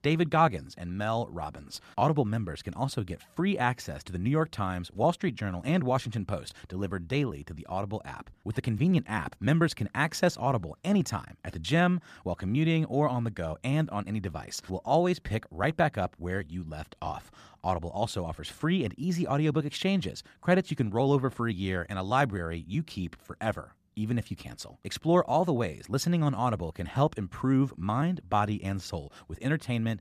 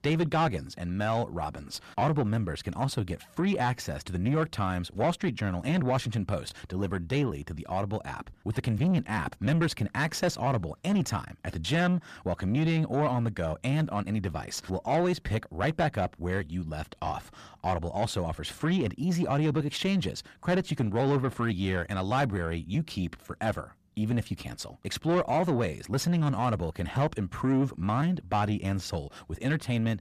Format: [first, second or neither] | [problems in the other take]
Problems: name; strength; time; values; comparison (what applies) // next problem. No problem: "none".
first | distortion; slight; 10 dB below the speech